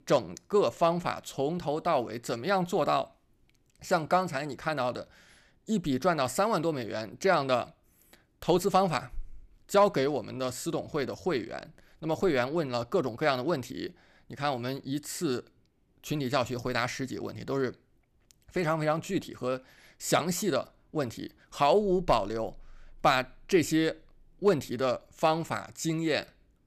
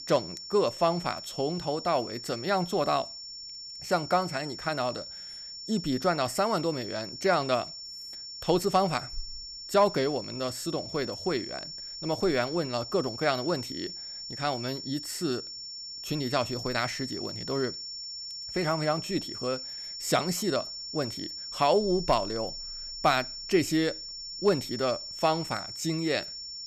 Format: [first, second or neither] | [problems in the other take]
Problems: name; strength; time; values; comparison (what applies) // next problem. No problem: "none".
first | high-pitched whine; loud; throughout; 5.5 kHz, 8 dB below the speech